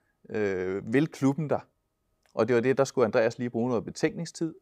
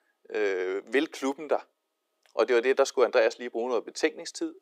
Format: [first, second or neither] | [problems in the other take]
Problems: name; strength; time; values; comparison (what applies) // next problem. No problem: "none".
first | thin; somewhat; fading below 350 Hz